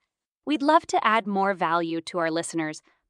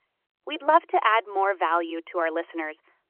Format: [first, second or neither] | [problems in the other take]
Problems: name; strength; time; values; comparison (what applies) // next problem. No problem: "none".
first | phone-call audio; nothing above 3 kHz